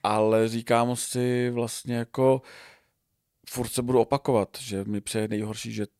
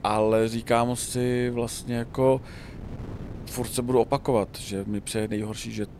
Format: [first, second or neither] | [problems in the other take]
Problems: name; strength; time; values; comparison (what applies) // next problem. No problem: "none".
first | wind noise on the microphone; occasional gusts; 20 dB below the speech